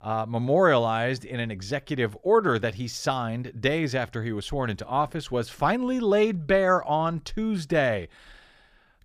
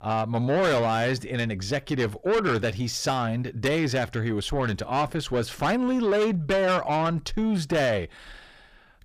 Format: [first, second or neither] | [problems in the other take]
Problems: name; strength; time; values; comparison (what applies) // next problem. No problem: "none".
first | distortion; heavy; 8 dB below the speech